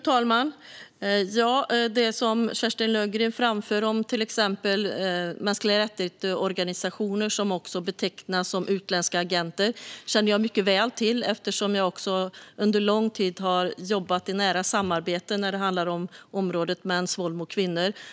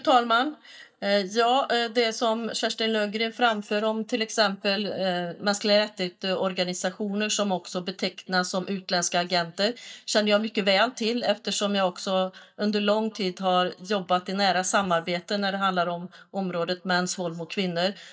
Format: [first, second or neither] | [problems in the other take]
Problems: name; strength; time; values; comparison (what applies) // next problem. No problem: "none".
first | noise reduction (neural mask model DeepFilterNet 3)